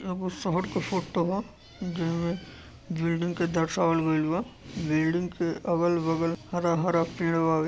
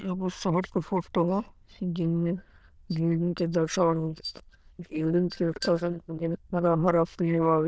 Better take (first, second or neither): first